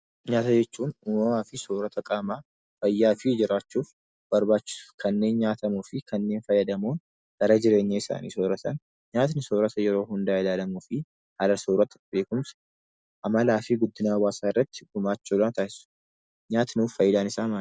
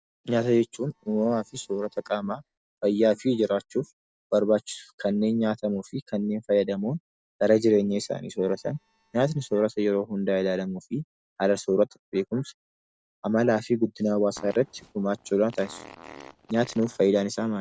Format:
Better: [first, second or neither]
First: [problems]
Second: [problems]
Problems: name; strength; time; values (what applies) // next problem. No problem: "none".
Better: first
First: none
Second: noise reduction (neural separator model SepFormer DNS4)